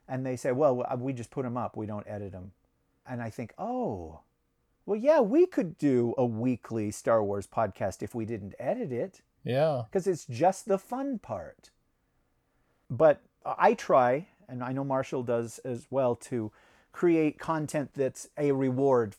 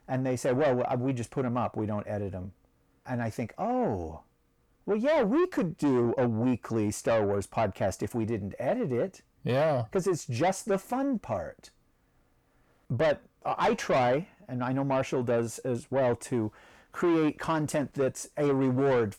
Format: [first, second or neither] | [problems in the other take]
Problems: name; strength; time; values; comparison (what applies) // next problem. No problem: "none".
first | distortion; heavy; 8 dB below the speech